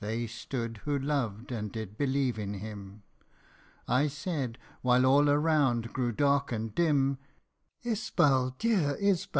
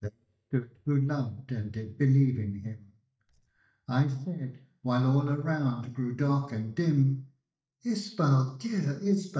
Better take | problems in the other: first | noise reduction (neural mask model DeepFilterNet 3)

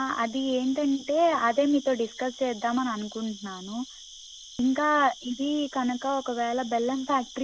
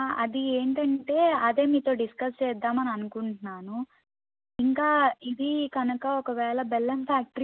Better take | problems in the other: second | background sound (Cricket); 18 dB below the speech

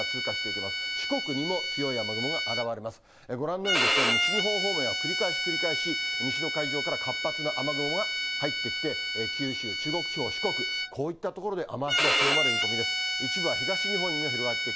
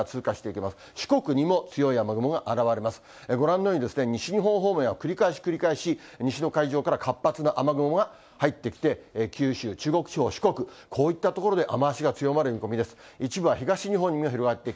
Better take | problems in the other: second | background sound (Bowed string instrument); 4 dB above the speech

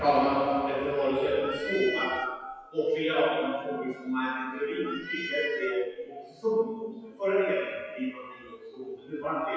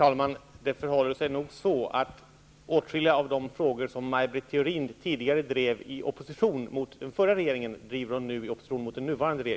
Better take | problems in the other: second | noise reduction (classical method WPE with log-MMSE)

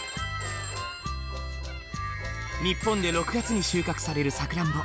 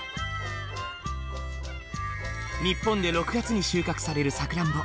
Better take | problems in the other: second | background sound (Telephone); 14 dB below the speech

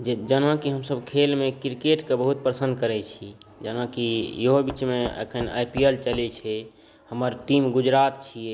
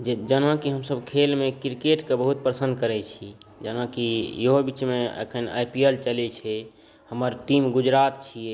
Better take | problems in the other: second | background sound (Knock / Wood); 14 dB below the speech

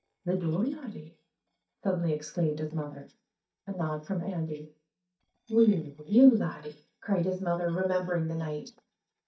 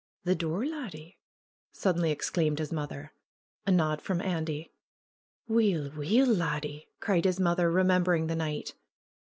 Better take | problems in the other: second | noise reduction (neural mask model DeepFilterNet 3)

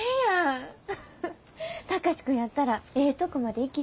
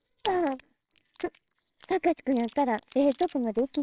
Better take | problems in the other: first | noise reduction (neural separator model SepFormer WHAMR!)

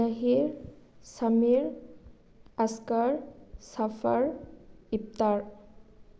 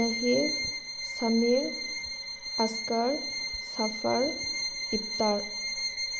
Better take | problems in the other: first | background sound (Bowed string instrument); 3 dB below the speech

